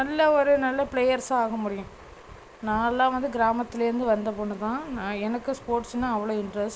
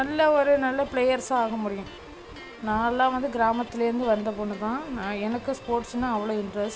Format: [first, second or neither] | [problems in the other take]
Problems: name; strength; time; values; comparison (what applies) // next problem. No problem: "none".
first | background sound (Electric guitar + Guitar); 20 dB below the speech